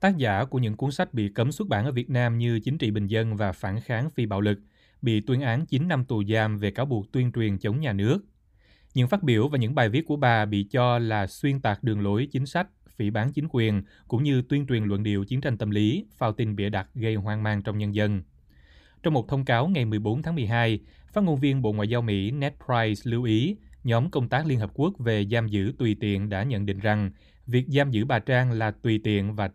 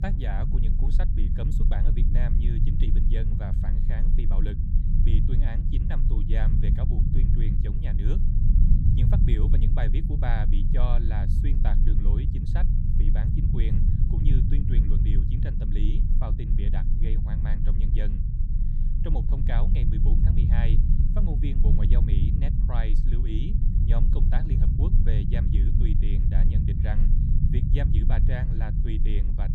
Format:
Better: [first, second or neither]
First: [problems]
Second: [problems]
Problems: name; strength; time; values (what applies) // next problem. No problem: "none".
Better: first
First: none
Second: low rumble; loud; throughout; as loud as the speech